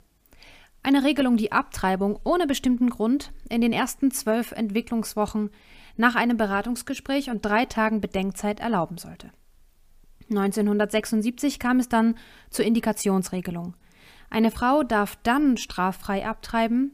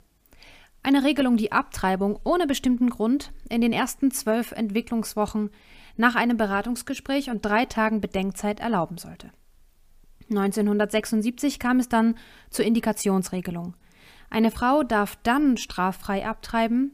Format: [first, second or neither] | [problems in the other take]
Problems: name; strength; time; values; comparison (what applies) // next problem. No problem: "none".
neither | none